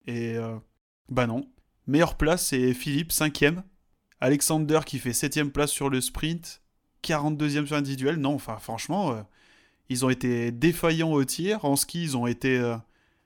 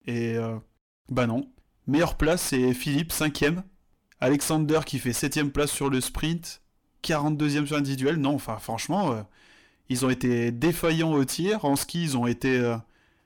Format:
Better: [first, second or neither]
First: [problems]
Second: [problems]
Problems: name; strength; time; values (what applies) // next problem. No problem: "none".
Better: first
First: none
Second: distortion; slight; 10 dB below the speech